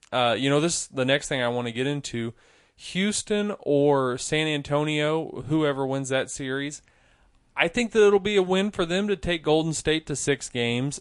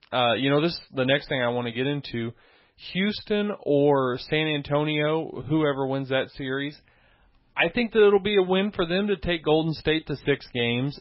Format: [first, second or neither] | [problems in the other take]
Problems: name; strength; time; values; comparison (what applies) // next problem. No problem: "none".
first | garbled, watery; badly; nothing above 5.5 kHz; slightly in the first